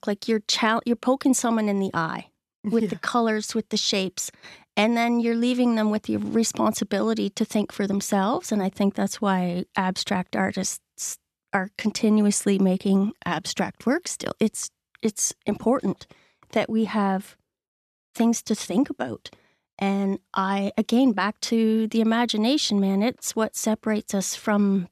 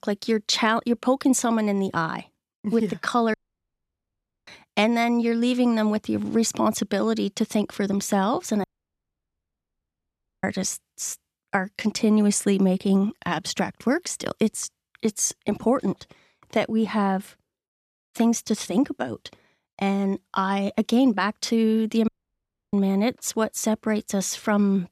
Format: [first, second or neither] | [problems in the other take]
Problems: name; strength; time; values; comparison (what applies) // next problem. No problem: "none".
first | audio cutting out; at 3.5 s for 1 s, at 8.5 s for 2 s and at 22 s for 0.5 s